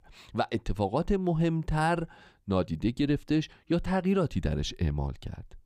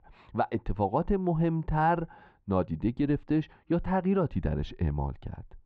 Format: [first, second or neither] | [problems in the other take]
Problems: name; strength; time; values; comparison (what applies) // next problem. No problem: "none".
first | muffled; very; fading above 2 kHz